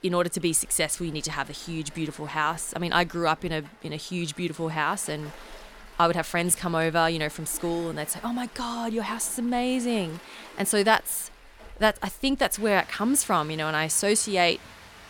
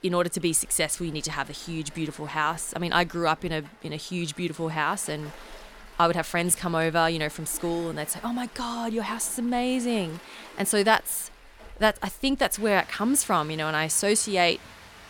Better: neither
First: rain or running water; faint; throughout; 20 dB below the speech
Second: rain or running water; faint; throughout; 20 dB below the speech

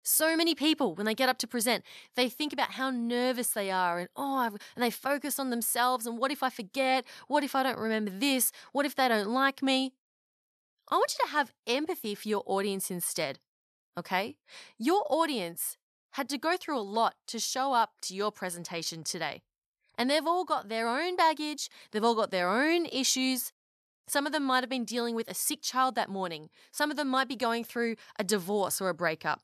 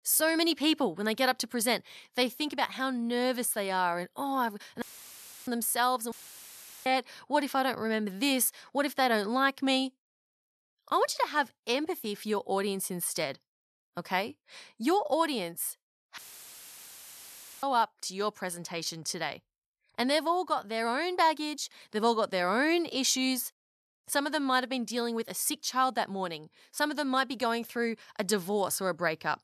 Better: first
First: none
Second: audio cutting out; filled with static; at 5 s for 0.5 s, at 6 s for 0.5 s and at 16 s for 1.5 s

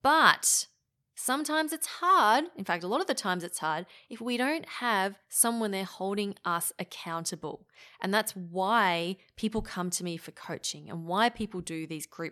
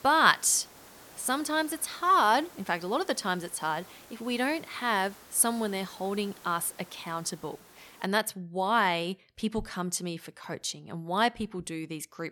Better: first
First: none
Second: hiss; faint; until 8 s; 20 dB below the speech

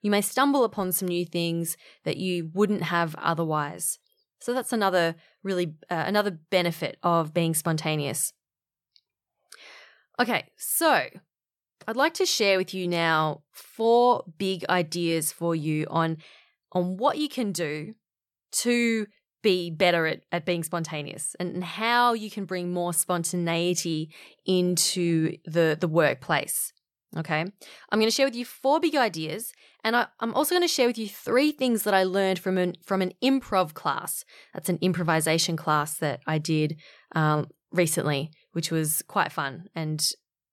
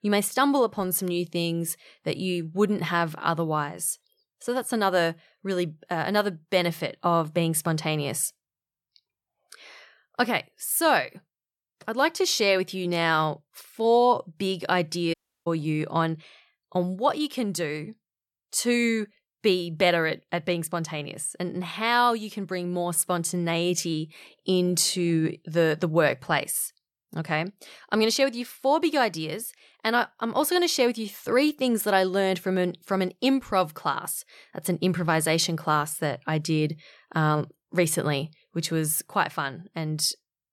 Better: first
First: none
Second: audio cutting out; at 15 s

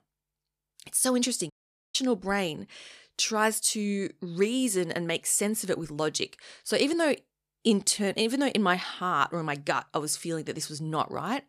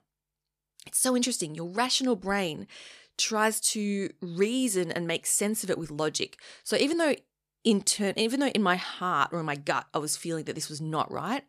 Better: second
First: audio cutting out; at 1.5 s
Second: none

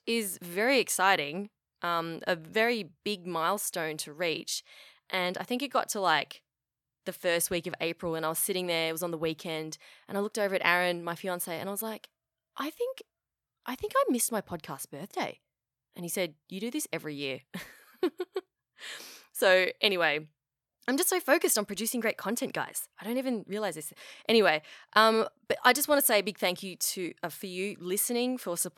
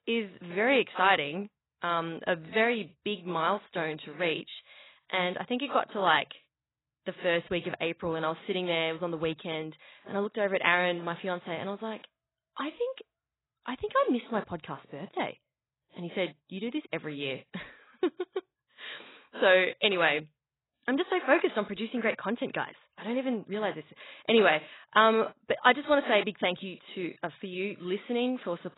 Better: first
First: none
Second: garbled, watery; badly; nothing above 4 kHz

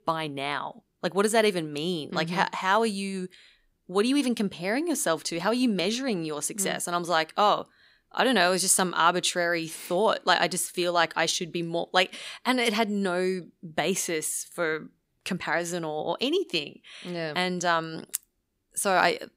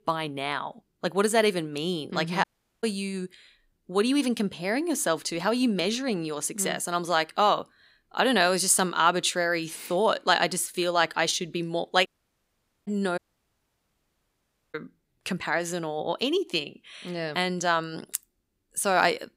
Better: first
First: none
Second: audio cutting out; at 2.5 s, at 12 s for 1 s and at 13 s for 1.5 s

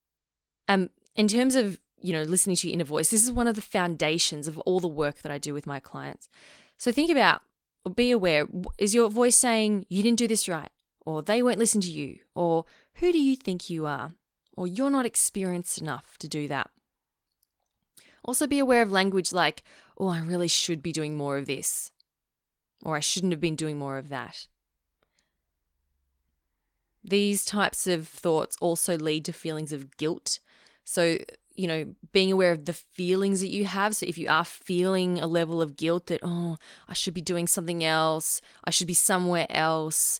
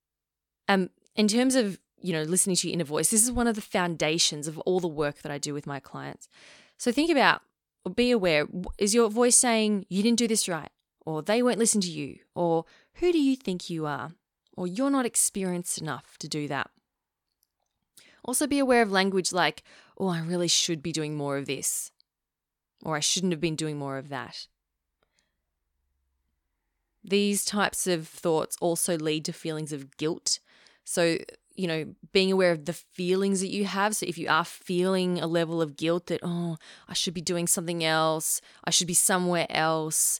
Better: second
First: garbled, watery; slightly; nothing above 17 kHz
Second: none

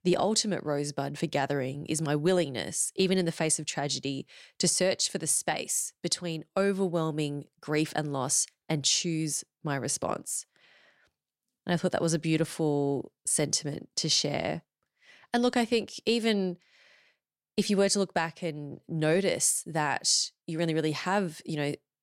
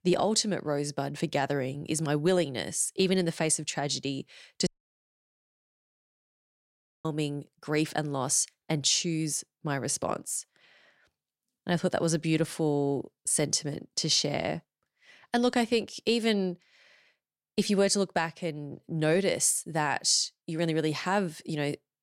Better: first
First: none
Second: audio cutting out; at 4.5 s for 2.5 s

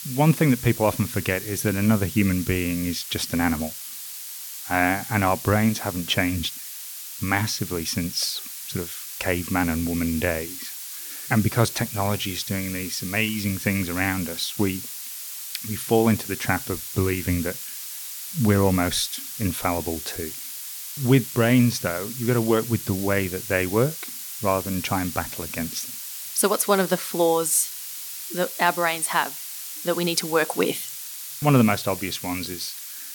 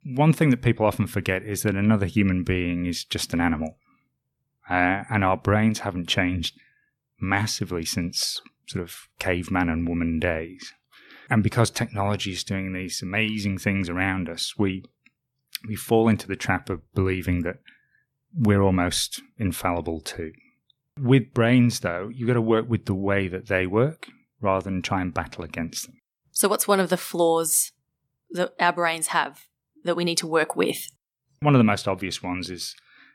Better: second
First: hiss; loud; throughout; 8 dB below the speech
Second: none

